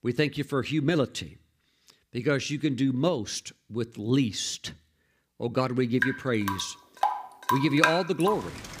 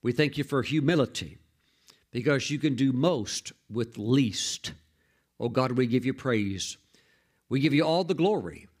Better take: second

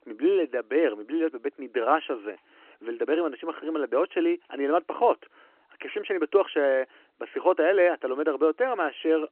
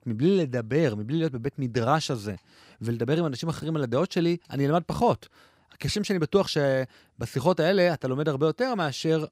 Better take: second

